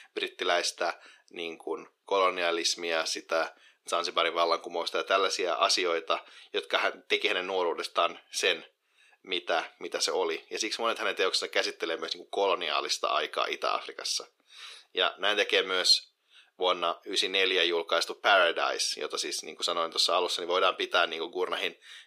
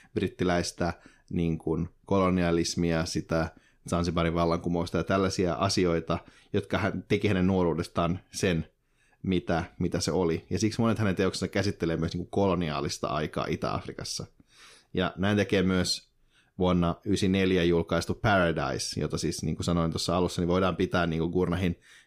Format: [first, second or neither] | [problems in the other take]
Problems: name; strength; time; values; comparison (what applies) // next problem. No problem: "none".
second | thin; very; fading below 450 Hz